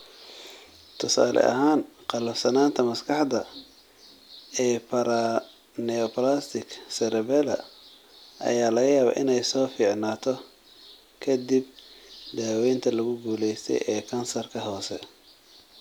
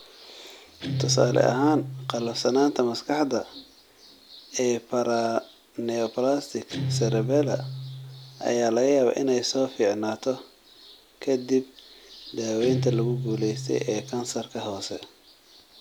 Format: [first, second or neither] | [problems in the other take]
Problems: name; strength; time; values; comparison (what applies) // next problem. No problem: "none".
first | background sound (Guitar); 9 dB below the speech